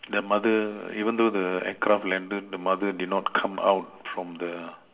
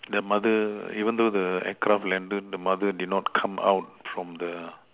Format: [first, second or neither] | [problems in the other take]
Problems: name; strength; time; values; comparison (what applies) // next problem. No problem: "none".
second | room echo; dies away in 2.2 s